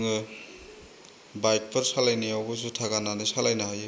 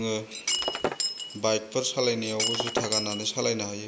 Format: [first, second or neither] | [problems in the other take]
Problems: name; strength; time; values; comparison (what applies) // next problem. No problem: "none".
first | background sound (Shatter); 1 dB below the speech